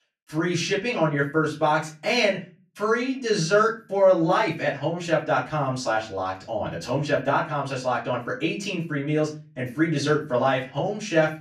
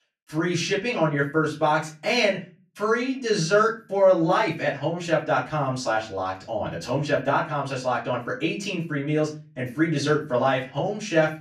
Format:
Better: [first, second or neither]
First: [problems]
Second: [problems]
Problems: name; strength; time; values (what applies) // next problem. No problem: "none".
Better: neither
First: off-mic speech; far // room echo; very slight; dies away in 0.3 s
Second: off-mic speech; far // room echo; very slight; dies away in 0.3 s